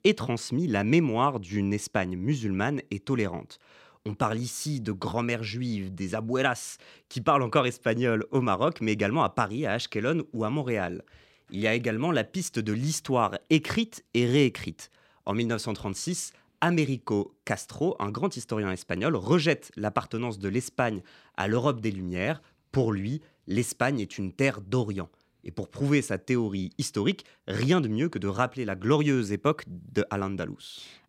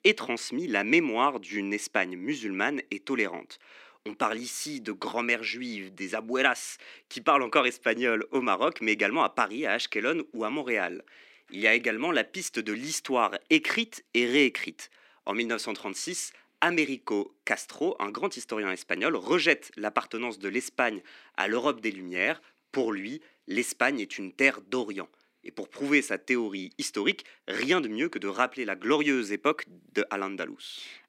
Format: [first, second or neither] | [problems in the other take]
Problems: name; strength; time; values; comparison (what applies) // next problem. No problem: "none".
first | thin; very slightly; fading below 250 Hz